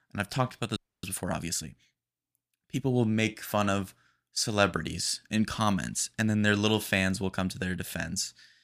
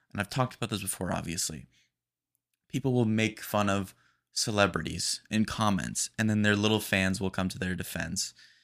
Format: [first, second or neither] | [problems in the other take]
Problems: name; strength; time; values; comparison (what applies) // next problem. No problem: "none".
second | audio freezing; at 1 s